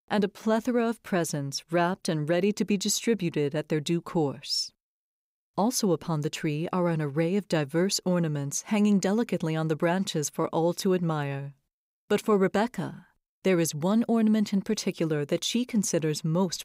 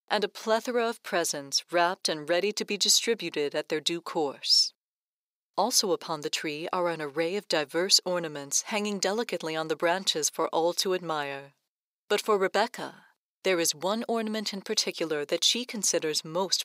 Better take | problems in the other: first | thin; somewhat; fading below 450 Hz

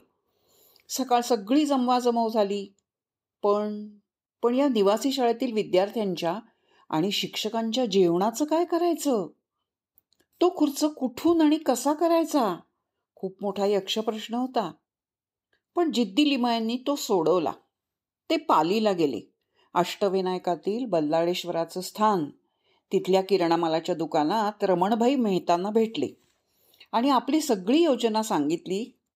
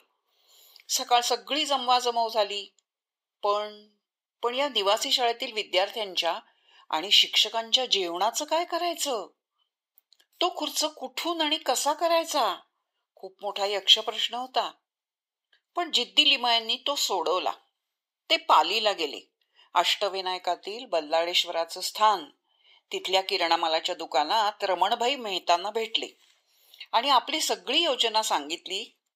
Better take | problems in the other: first | thin; very; fading below 750 Hz

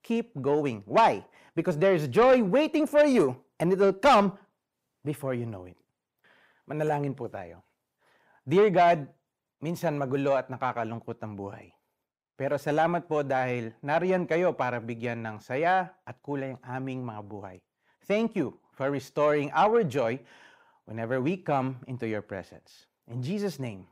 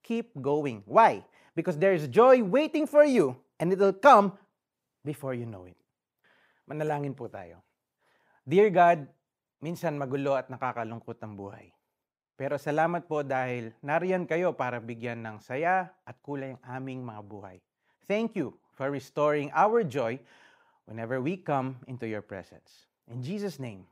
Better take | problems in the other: second | distortion; slight; 10 dB below the speech

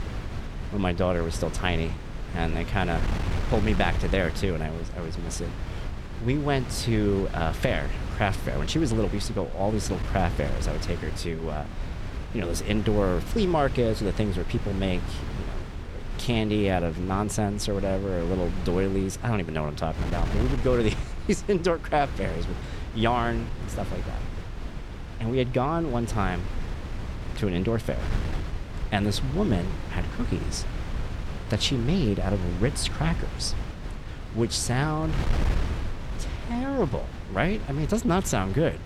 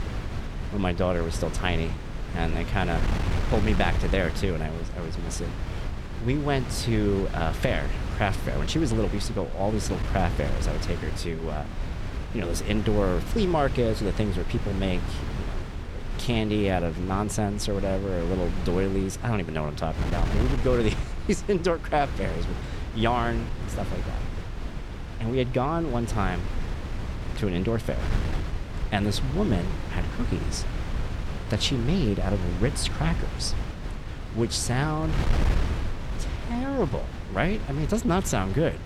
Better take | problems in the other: first | wind noise on the microphone; heavy; 9 dB below the speech; occasional gusts in the first

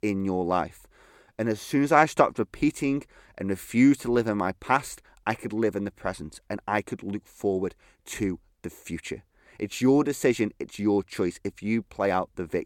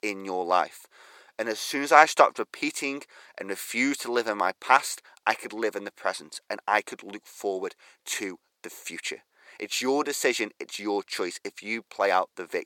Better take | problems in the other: first | thin; somewhat; fading below 600 Hz

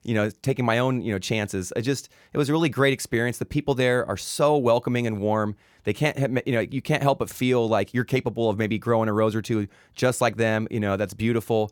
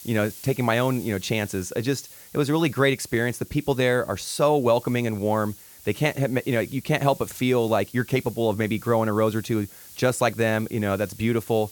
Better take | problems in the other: first | hiss; noticeable; throughout; 20 dB below the speech

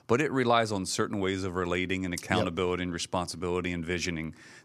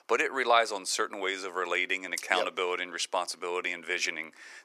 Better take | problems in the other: first | thin; very; fading below 450 Hz

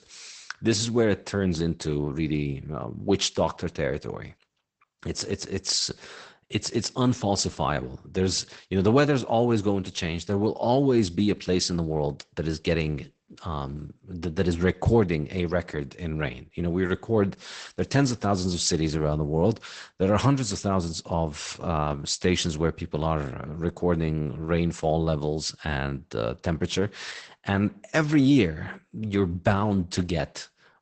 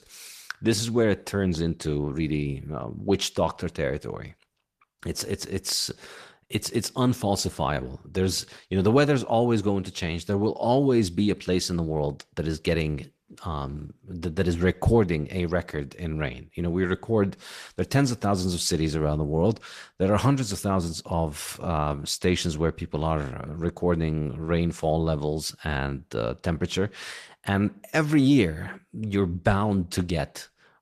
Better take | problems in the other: second | garbled, watery; badly; nothing above 8 kHz; slightly in the second

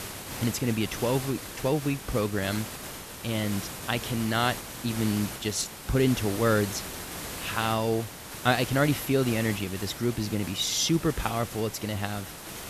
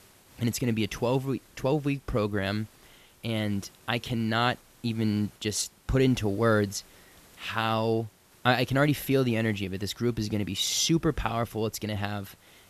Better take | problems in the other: second | hiss; loud; throughout; 9 dB below the speech; faint in the second

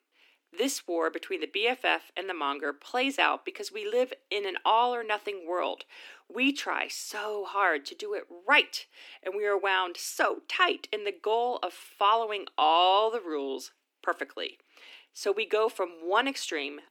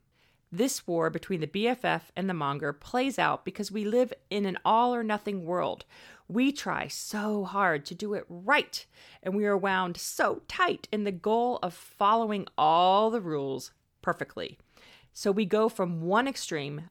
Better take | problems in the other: second | thin; somewhat; fading below 250 Hz

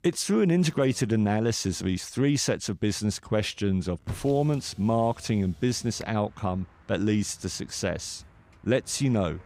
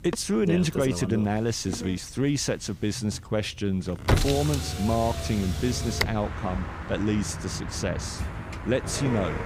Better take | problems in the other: first | traffic noise; loud; throughout; 4 dB below the speech; faint in the first

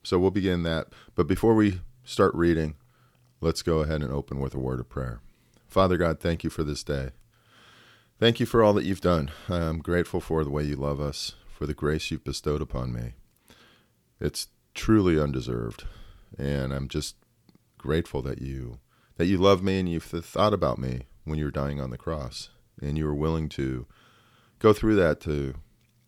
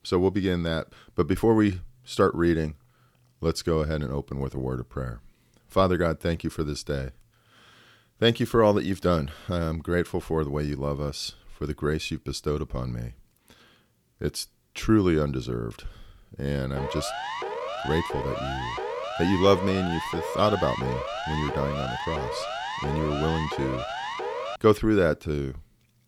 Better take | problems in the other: first | siren; noticeable; from 17 to 25 s; peak 4 dB below the speech

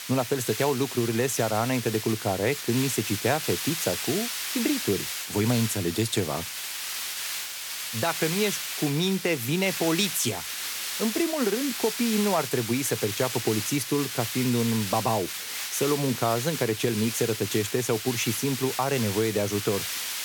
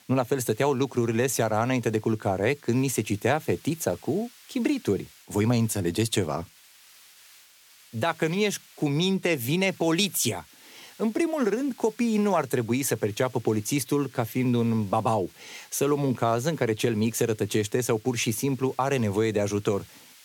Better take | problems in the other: second | hiss; loud; throughout; 4 dB below the speech; faint in the second

